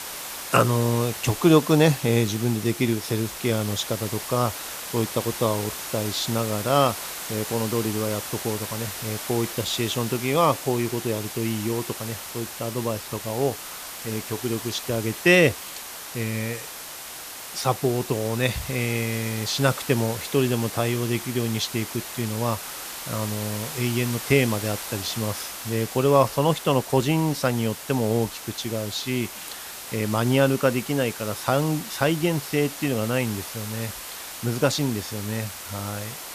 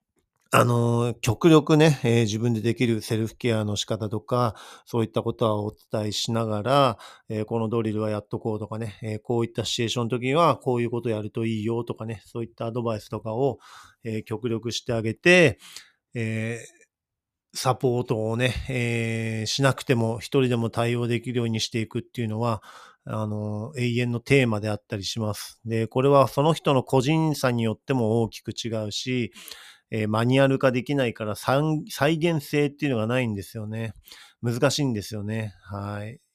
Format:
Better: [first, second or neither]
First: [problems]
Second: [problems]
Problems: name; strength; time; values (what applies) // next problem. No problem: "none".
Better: second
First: hiss; loud; throughout; 8 dB below the speech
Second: none